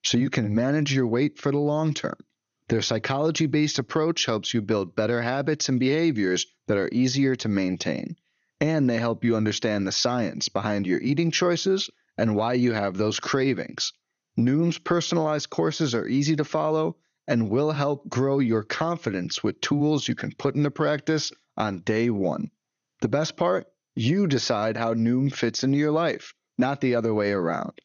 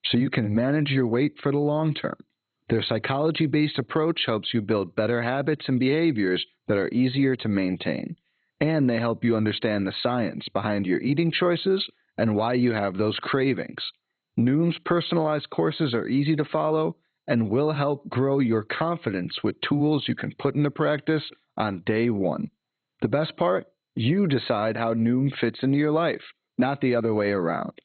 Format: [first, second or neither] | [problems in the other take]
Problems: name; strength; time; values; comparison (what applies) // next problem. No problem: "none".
first | garbled, watery; badly; nothing above 4 kHz; slightly in the first